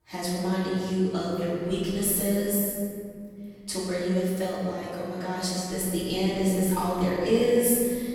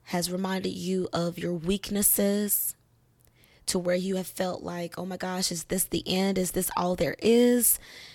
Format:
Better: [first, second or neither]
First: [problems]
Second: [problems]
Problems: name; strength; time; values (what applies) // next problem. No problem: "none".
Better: second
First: off-mic speech; far // room echo; strong; dies away in 2.1 s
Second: none